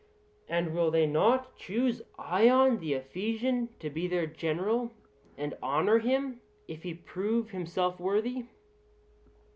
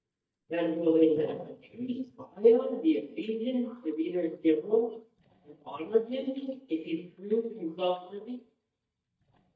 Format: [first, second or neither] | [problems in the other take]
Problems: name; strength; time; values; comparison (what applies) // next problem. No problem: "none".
first | noise reduction (neural mask model DeepFilterNet 3)